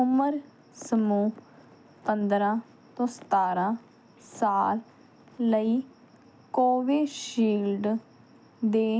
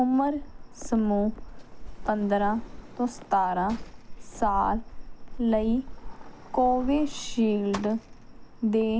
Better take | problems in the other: first | background sound (Sliding door); 10 dB below the speech

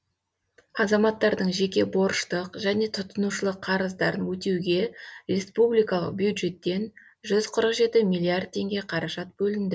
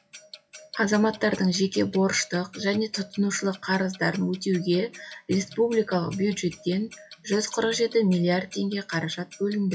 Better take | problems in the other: first | noise reduction (classical method WPE with log-MMSE)

